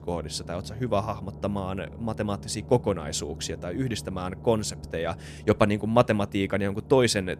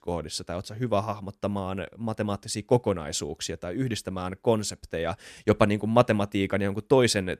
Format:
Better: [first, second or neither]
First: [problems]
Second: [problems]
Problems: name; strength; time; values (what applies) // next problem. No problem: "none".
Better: second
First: low rumble; faint; throughout; 20 dB below the speech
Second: none